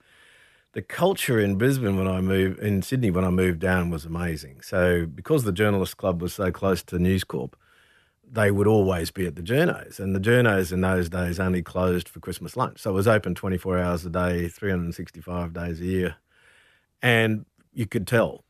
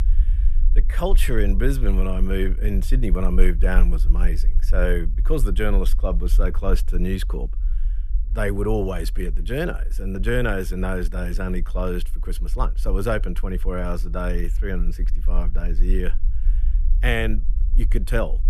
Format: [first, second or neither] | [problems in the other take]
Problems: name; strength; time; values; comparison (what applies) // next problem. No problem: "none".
first | low rumble; faint; throughout; 20 dB below the speech